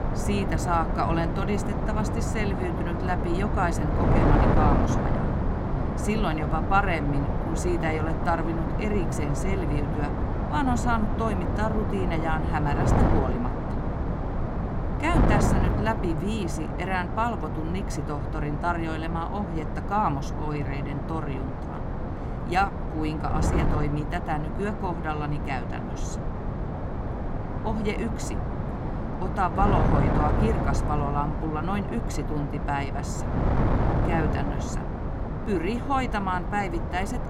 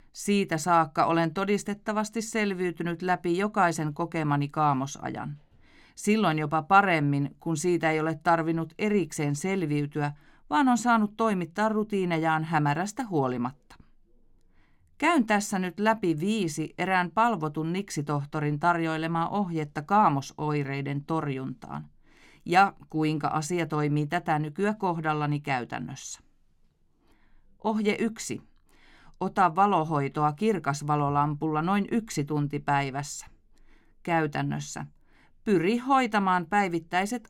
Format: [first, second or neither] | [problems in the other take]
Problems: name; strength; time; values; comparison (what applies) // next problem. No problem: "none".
second | wind noise on the microphone; heavy; 3 dB below the speech